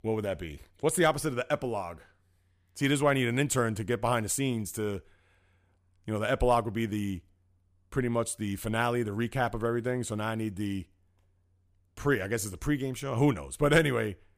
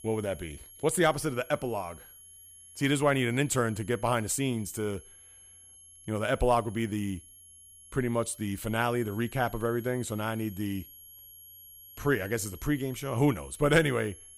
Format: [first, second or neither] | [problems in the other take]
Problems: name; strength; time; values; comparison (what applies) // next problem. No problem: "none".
first | high-pitched whine; noticeable; throughout; 11.5 kHz, 20 dB below the speech